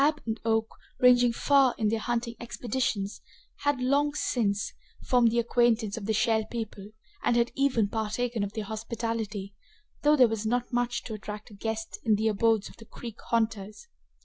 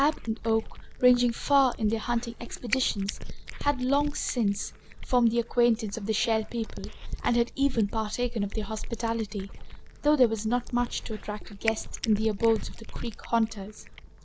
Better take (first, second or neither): first